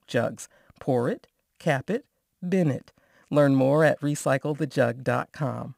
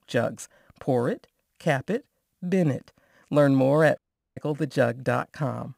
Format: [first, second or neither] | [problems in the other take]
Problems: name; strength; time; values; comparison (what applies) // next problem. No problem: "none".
first | audio cutting out; at 4 s